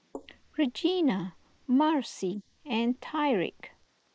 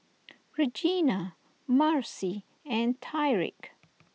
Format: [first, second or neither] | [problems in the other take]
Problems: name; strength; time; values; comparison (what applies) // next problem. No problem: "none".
second | noise reduction (neural mask model Resemble Enhance denoiser)